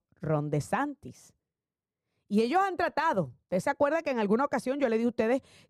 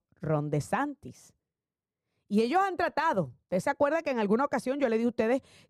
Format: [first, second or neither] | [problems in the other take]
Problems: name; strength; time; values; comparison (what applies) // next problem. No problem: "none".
neither | muffled; slightly; fading above 2 kHz; the same in both